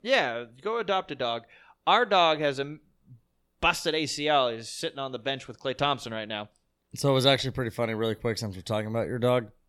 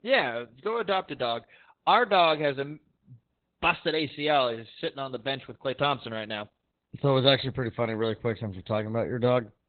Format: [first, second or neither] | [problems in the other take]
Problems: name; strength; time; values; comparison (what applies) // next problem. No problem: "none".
first | garbled, watery; badly; nothing above 4 kHz